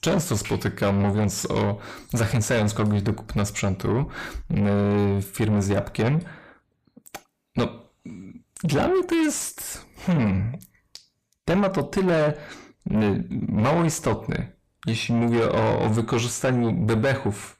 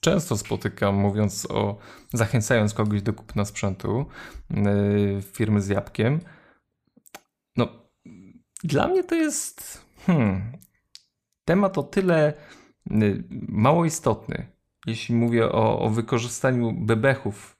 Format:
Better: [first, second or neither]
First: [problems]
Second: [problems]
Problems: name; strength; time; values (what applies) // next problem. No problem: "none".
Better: second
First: distortion; heavy; 7 dB below the speech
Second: none